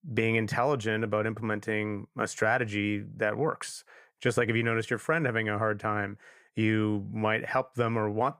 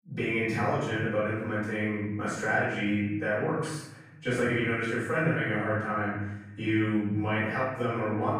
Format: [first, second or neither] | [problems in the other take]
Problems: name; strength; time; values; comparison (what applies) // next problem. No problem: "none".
first | off-mic speech; far // room echo; strong; dies away in 1 s